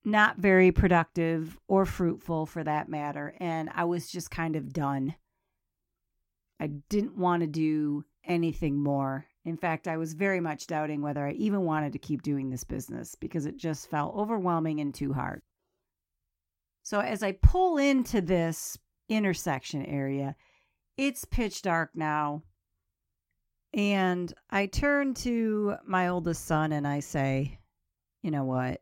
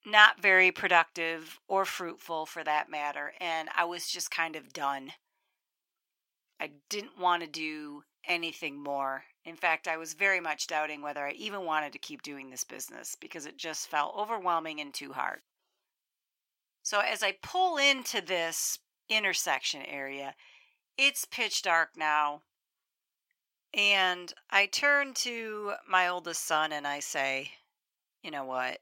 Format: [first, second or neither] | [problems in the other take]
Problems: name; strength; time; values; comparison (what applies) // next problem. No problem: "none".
first | thin; very; fading below 800 Hz